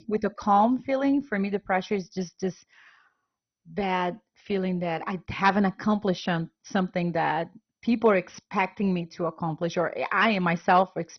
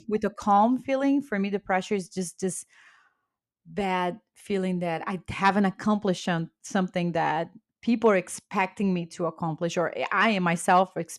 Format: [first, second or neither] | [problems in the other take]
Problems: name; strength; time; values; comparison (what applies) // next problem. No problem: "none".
second | garbled, watery; badly; nothing above 6 kHz